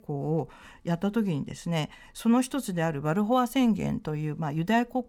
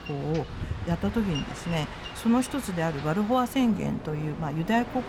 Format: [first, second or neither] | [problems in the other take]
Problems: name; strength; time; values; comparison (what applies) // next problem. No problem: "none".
first | train or aircraft noise; noticeable; throughout; 10 dB below the speech